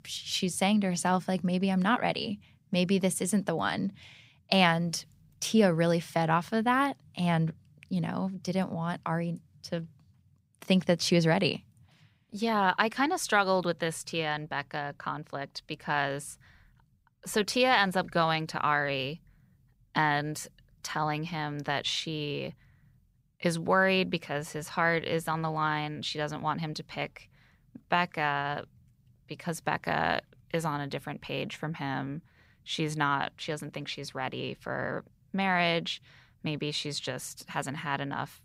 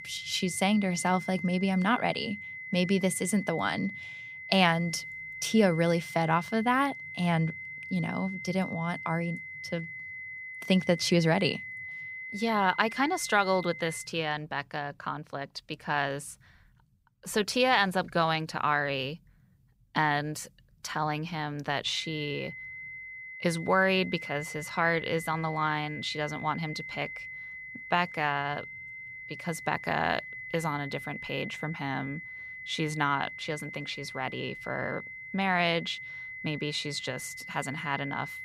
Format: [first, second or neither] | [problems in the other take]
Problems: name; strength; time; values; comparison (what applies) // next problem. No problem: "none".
first | high-pitched whine; loud; until 14 s and from 22 s on; 2 kHz, 10 dB below the speech